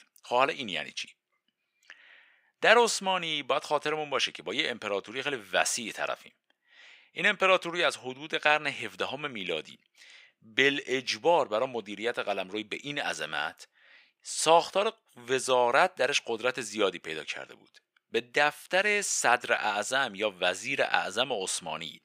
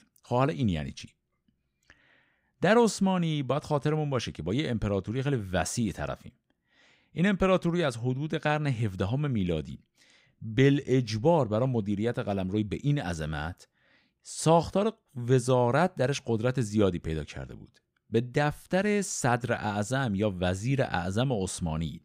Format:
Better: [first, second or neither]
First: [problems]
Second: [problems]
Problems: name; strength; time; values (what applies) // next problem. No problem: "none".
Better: second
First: thin; very; fading below 600 Hz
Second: none